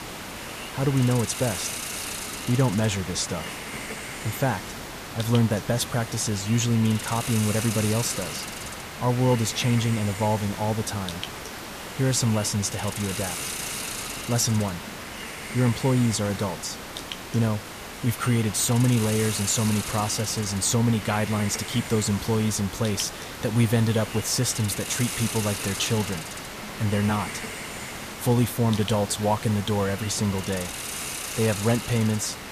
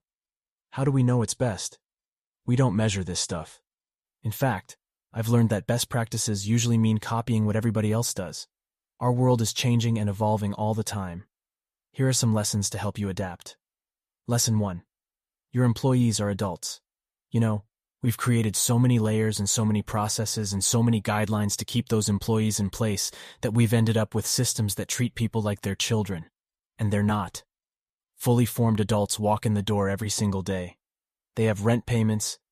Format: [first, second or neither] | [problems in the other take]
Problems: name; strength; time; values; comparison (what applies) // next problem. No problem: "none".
second | hiss; loud; throughout; 8 dB below the speech